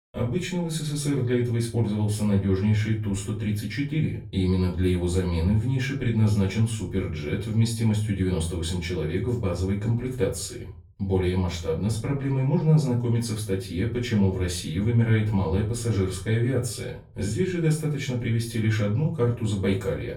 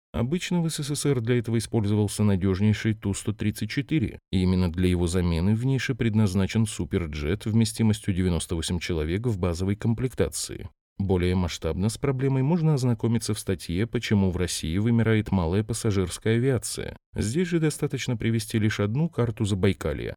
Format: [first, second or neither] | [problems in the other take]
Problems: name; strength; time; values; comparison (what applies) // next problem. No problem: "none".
second | off-mic speech; far // room echo; slight; dies away in 0.3 s